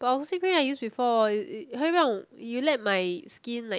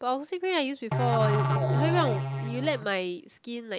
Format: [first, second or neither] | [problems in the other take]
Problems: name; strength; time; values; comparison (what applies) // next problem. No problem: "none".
first | background sound (Musical instrument); 2 dB above the speech